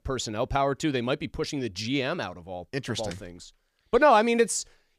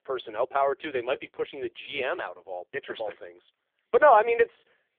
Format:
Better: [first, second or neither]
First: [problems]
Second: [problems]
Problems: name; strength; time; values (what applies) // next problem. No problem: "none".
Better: first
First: none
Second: phone-call audio; poor line; nothing above 3.5 kHz